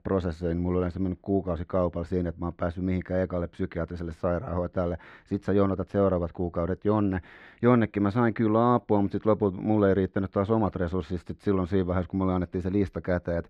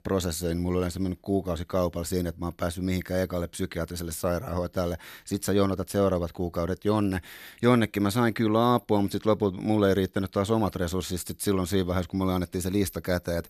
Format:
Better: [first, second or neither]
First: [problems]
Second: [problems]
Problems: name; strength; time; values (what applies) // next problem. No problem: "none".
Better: second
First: muffled; very; fading above 1.5 kHz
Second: none